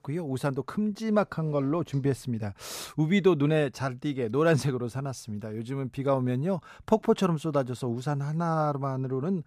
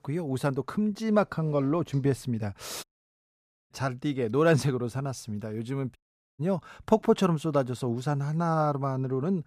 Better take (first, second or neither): first